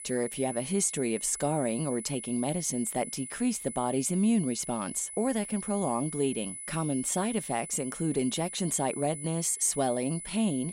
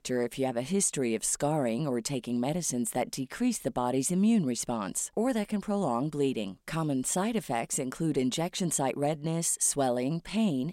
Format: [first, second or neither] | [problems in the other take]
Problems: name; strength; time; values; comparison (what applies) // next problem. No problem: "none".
second | high-pitched whine; loud; throughout; 10 kHz, 9 dB below the speech